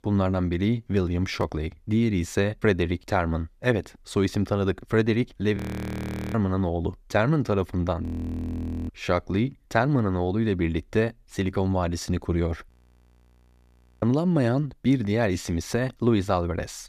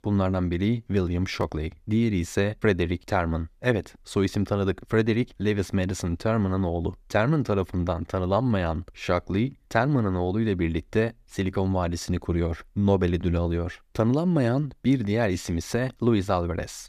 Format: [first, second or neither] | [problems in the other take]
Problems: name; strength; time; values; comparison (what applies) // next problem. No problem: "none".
second | audio freezing; at 5.5 s for 1 s, at 8 s for 1 s and at 13 s for 1.5 s